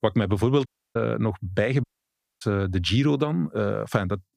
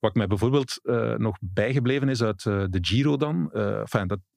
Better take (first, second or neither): second